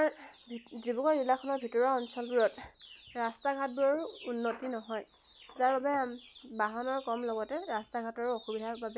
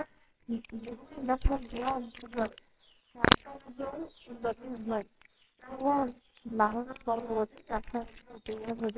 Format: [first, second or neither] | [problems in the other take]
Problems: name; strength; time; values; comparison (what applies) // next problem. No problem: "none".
first | noise reduction (neural separator model SepFormer WHAMR!)